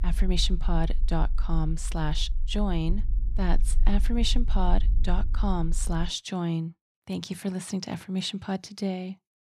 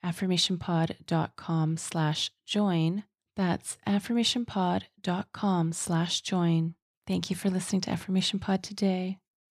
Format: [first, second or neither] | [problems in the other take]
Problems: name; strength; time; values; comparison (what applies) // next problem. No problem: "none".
second | low rumble; faint; until 6 s; 20 dB below the speech